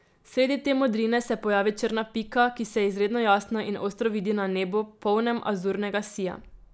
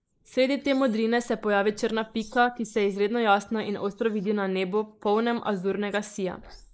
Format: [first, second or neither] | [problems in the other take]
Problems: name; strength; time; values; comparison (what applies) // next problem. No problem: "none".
first | noise reduction (neural mask model Resemble Enhance denoiser)